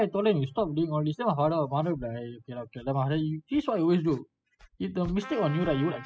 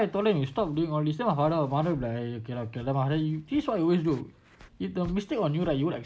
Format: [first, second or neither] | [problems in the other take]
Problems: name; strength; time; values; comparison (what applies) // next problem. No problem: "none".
second | noise reduction (classical method spectral subtraction)